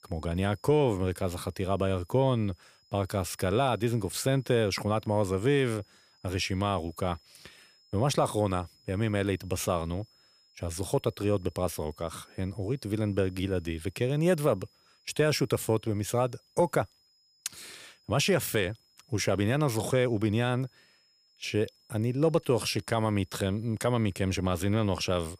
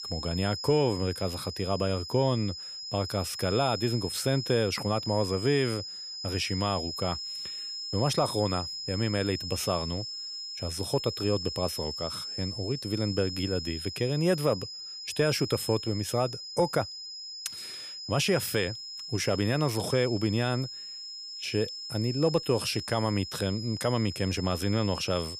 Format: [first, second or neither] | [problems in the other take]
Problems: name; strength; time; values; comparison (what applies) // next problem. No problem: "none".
first | high-pitched whine; loud; throughout; 5 kHz, 6 dB below the speech; faint in the first